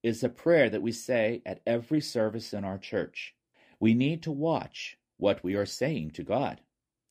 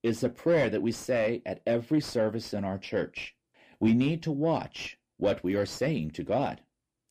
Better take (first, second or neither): first